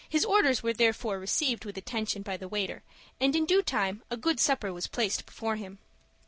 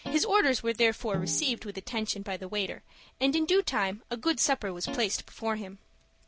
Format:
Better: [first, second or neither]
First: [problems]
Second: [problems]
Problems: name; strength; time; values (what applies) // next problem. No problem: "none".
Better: first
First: none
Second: background sound (Snare drum + Guitar); 10 dB below the speech